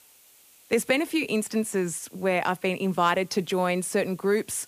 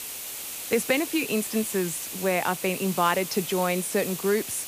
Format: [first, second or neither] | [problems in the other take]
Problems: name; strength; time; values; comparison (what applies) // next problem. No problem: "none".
first | hiss; loud; throughout; 7 dB below the speech; faint in the first